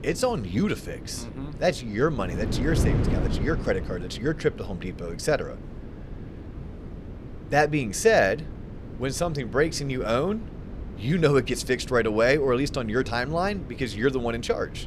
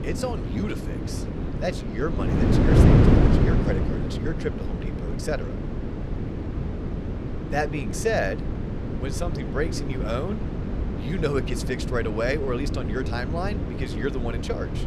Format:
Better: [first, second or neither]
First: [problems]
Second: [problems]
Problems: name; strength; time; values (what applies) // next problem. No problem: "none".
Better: first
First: wind noise on the microphone; occasional gusts; 15 dB below the speech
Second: wind noise on the microphone; heavy; 2 dB below the speech